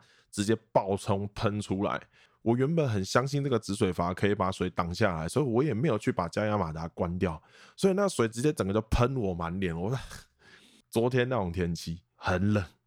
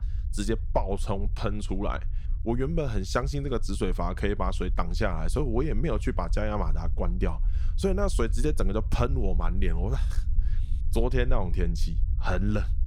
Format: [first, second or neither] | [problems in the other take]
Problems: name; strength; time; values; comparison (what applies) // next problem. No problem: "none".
first | low rumble; faint; throughout; 20 dB below the speech